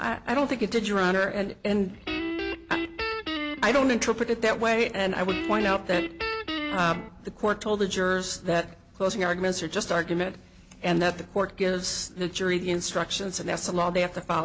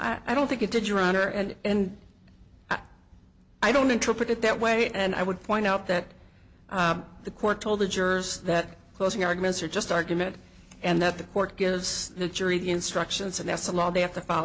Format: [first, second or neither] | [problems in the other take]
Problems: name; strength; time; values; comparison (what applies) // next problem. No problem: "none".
second | background sound (Guitar); 5 dB below the speech